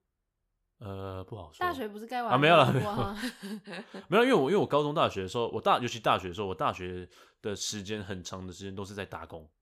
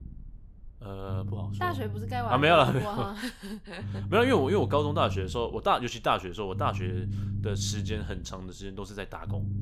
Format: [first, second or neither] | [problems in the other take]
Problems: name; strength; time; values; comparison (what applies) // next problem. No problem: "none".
first | low rumble; faint; throughout; 20 dB below the speech